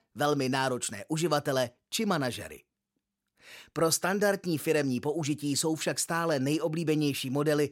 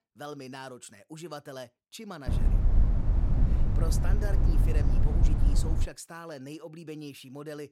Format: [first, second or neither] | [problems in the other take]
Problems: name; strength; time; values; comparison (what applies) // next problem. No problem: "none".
first | low rumble; loud; from 2.5 to 6 s; as loud as the speech